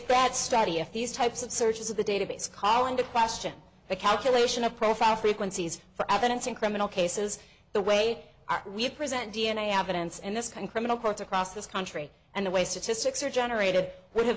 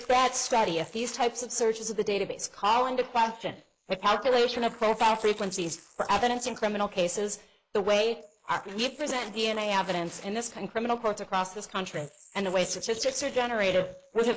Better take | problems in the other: first | noise reduction (neural mask model Resemble Enhance denoiser)

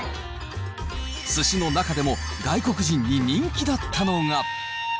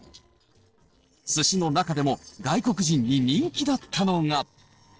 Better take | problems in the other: first | noise reduction (neural separator model SepFormer DNS4)

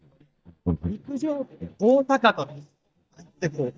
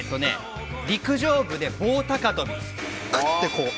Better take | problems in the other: second | noise reduction (neural mask model DeepFilterNet 3)

